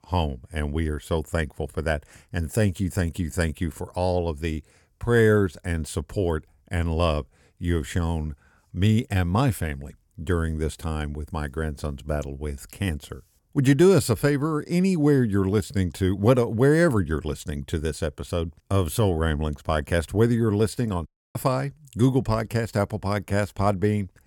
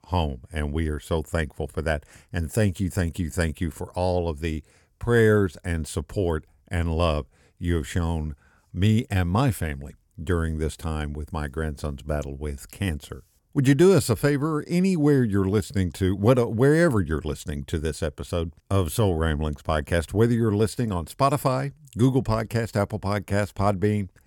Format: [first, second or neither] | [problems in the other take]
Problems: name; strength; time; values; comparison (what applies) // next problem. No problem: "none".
second | audio cutting out; at 21 s